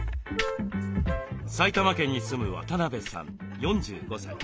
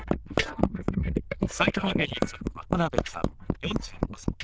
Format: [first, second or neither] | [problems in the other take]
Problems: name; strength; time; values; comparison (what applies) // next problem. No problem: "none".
first | noise reduction (neural diffusion model UNIVERSE++)